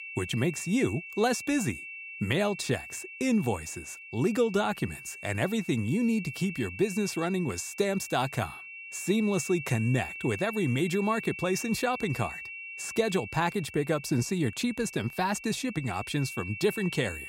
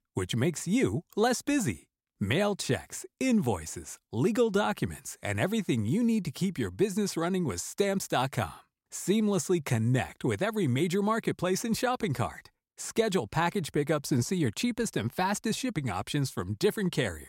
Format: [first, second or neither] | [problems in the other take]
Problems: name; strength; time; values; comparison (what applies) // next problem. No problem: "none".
second | high-pitched whine; noticeable; throughout; 2.5 kHz, 10 dB below the speech